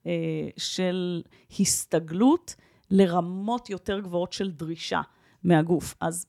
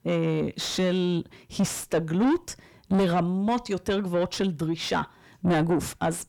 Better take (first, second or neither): first